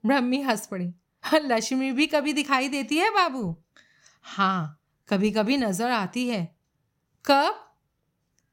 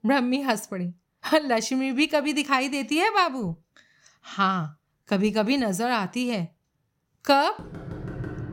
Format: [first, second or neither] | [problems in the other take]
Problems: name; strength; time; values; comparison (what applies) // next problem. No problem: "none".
first | door banging; noticeable; at 7.5 s; peak 10 dB below the speech